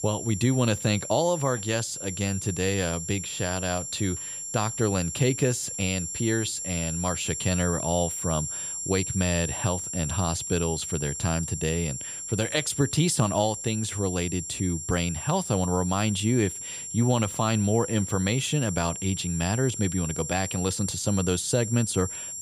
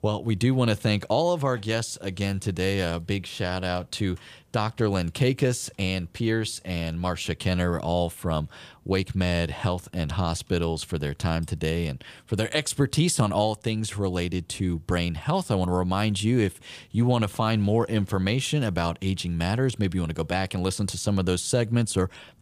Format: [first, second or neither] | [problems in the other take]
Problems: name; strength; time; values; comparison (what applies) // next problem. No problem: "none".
second | high-pitched whine; loud; throughout; 7.5 kHz, 5 dB below the speech